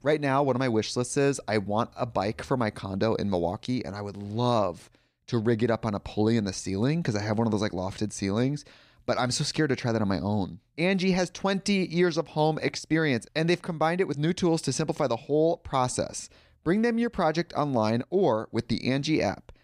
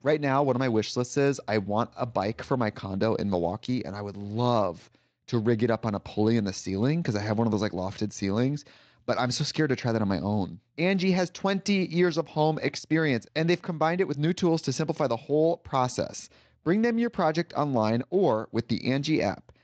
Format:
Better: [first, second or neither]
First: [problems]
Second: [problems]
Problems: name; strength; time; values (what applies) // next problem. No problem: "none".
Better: first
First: none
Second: garbled, watery; slightly; nothing above 7.5 kHz